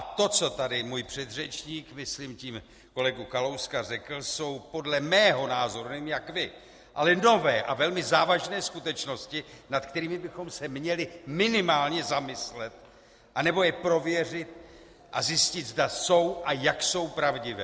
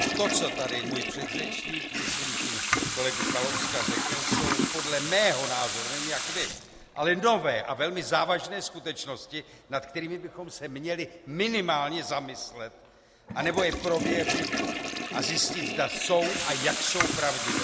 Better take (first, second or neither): first